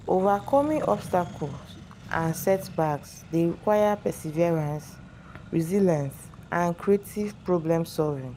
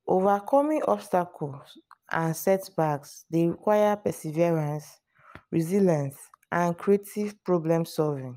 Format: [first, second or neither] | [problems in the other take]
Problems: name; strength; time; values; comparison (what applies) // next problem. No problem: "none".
second | background sound (Accelerating, revving, vroom); 17 dB below the speech